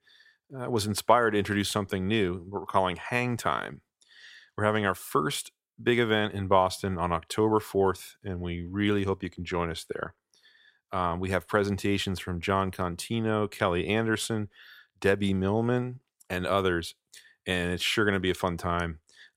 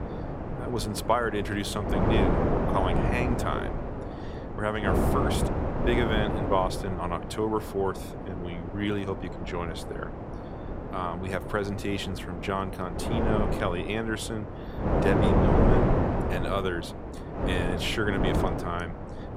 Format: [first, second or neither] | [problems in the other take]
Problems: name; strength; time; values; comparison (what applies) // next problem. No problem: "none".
first | wind noise on the microphone; heavy; 1 dB below the speech